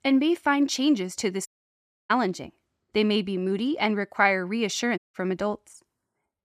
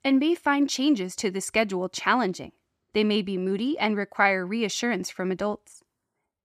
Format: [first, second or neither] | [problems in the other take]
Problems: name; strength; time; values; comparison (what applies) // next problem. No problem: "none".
second | audio cutting out; at 1.5 s for 0.5 s and at 5 s